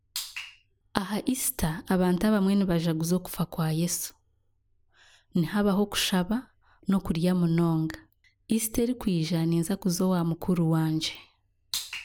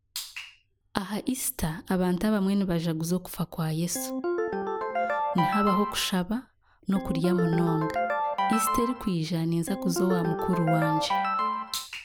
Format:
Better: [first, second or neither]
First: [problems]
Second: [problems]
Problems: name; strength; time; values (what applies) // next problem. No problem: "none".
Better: first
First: none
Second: background sound (Ringtone); as loud as the speech